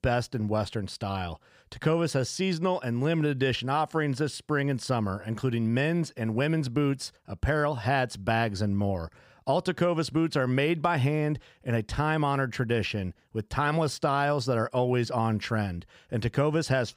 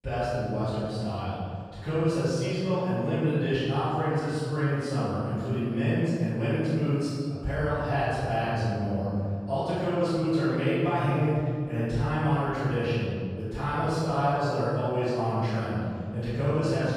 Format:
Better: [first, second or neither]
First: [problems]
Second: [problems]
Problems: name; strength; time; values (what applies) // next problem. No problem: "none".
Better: first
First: none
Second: room echo; strong; dies away in 2.2 s // off-mic speech; far